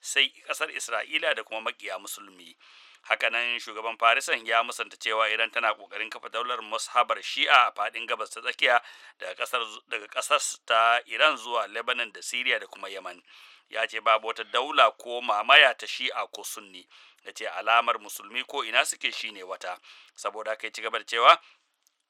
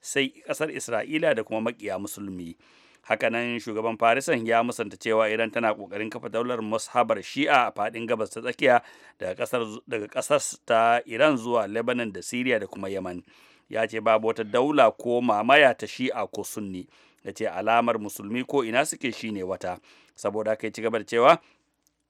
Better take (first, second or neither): second